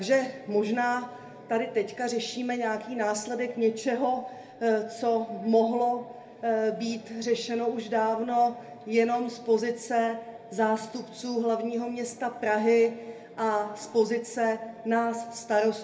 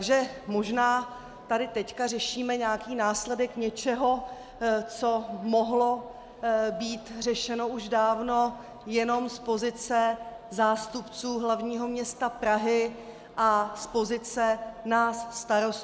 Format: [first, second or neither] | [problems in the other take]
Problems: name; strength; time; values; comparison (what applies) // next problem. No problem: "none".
second | room echo; dies away in 0.3 s